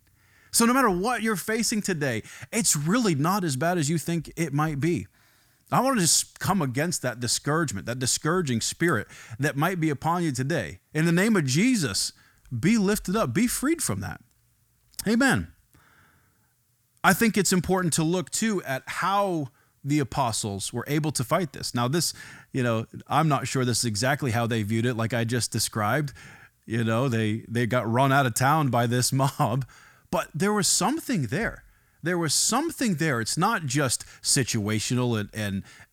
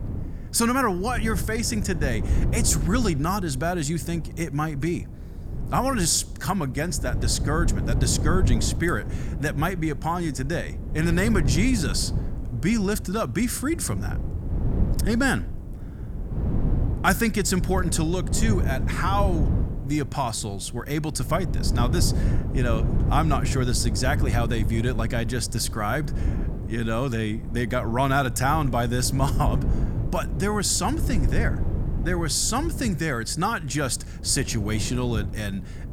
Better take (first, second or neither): first